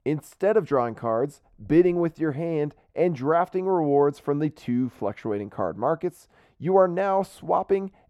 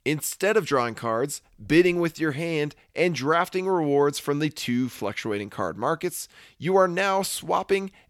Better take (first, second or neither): second